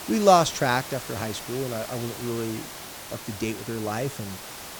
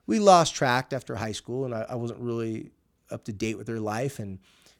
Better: second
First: hiss; noticeable; throughout; 10 dB below the speech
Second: none

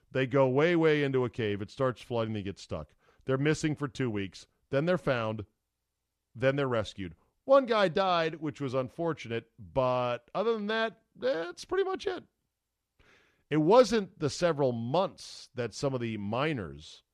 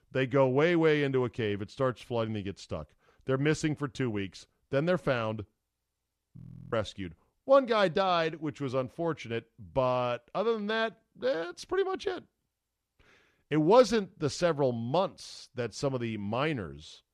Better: first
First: none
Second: audio freezing; at 6.5 s

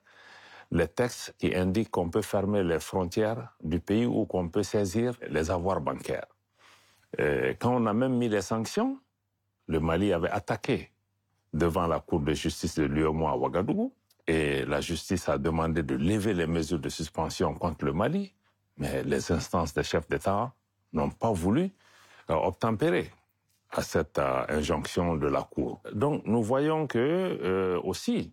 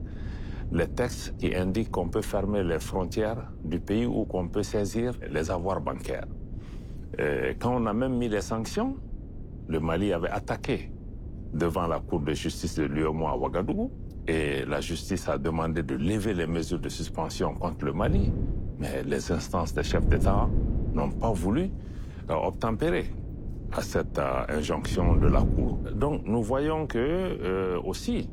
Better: first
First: none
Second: wind noise on the microphone; occasional gusts; 15 dB below the speech

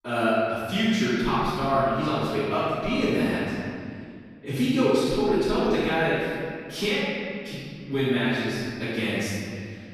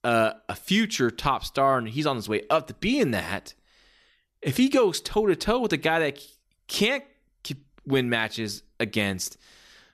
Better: second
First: off-mic speech; far // room echo; strong; dies away in 2.3 s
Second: none

